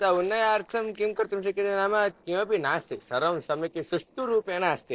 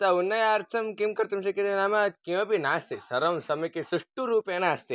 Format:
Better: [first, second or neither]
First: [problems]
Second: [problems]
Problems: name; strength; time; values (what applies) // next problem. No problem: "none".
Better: second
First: noise reduction (neural separator model SepFormer DNS4)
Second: none